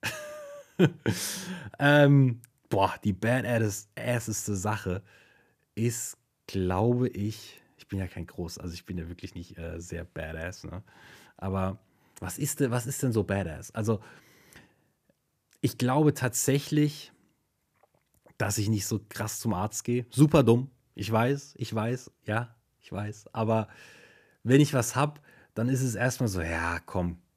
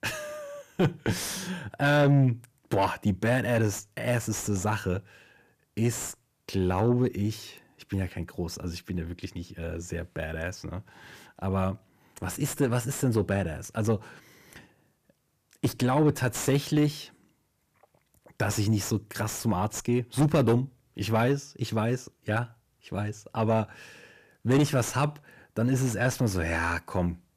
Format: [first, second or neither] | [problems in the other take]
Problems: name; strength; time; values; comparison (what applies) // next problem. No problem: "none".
first | distortion; slight; 10 dB below the speech